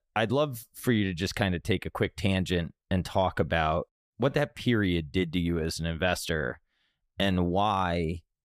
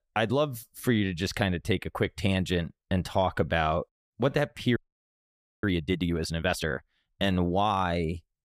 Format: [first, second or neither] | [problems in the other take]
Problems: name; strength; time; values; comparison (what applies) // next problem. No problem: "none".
first | audio freezing; at 5 s for 1 s